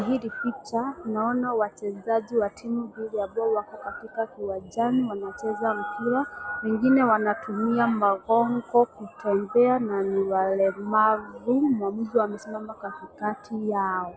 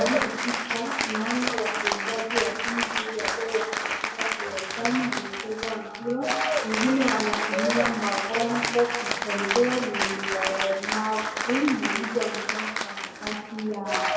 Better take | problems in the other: first | background sound (Applause / Cheering); as loud as the speech // room echo; dies away in 1 s

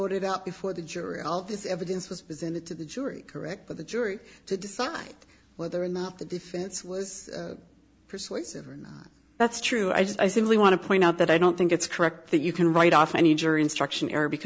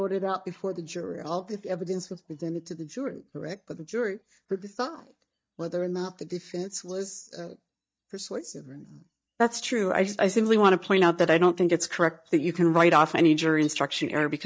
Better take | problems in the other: first | noise reduction (neural mask model DeepFilterNet 3)

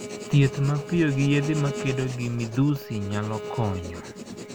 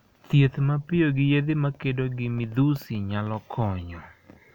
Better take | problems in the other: second | background sound (Bowed string instrument + Writing); 10 dB below the speech

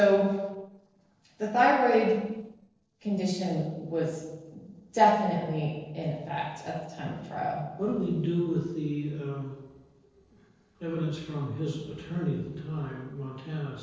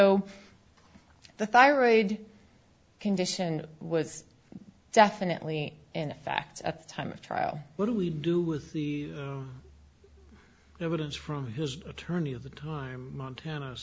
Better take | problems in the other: second | noise reduction (neural separator model SepFormer DNS4)

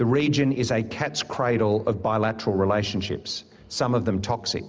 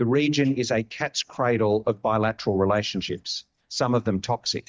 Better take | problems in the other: first | noise reduction (neural mask model DeepFilterNet 3)

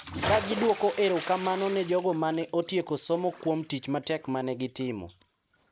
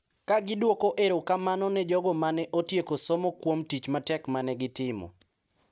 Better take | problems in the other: second | background sound (Bathtub (filling or washing) / Splash, splatter); 11 dB below the speech

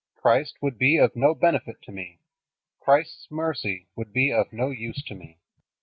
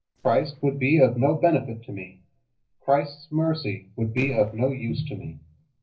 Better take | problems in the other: first | noise reduction (neural separator model SepFormer DNS4)

